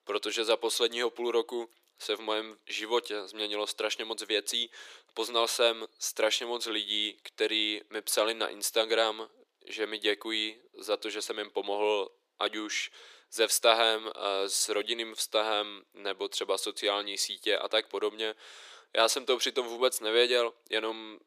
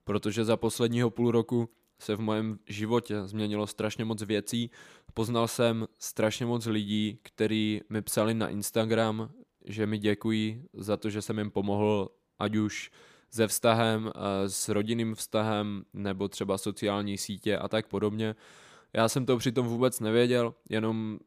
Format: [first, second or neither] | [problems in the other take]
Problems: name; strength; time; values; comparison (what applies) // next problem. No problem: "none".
second | thin; very; fading below 350 Hz